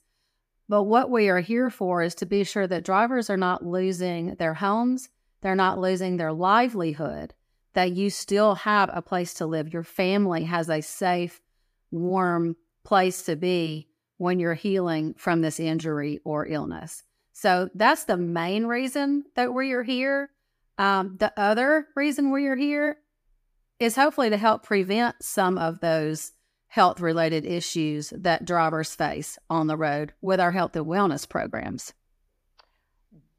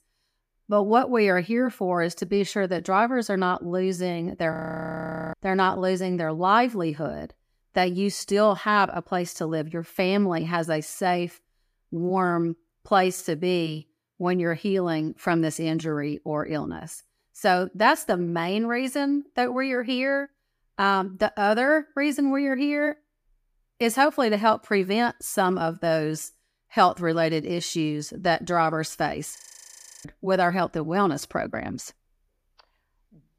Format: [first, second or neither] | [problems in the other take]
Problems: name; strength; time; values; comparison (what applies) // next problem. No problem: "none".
first | audio freezing; at 4.5 s for 1 s and at 29 s for 0.5 s